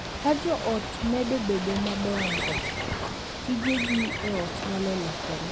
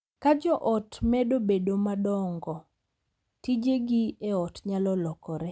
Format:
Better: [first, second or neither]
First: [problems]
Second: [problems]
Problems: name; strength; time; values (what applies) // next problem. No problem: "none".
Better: second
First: background sound (Bird + Ocean / Boat, Water vehicle); 3 dB below the speech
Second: none